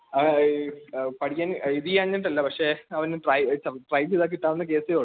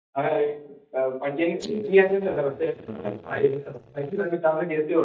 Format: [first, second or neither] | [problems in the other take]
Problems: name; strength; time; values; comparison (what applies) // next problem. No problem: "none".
first | noise reduction (neural mask model DeepFilterNet 3)